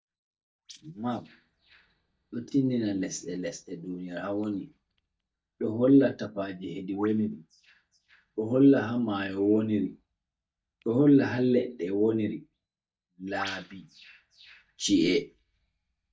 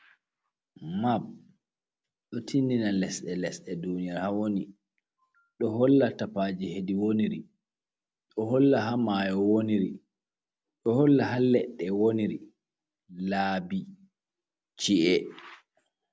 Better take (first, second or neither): second